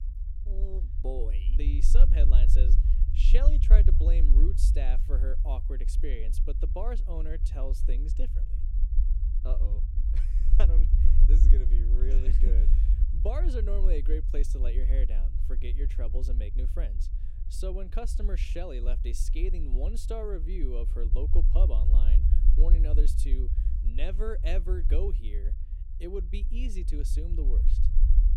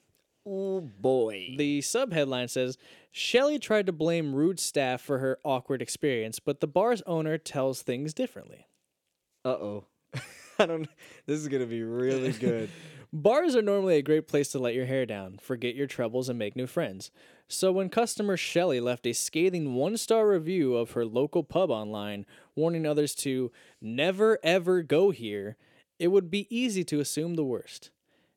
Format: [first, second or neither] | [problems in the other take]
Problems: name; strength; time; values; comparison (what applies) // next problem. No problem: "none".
second | low rumble; loud; throughout; 8 dB below the speech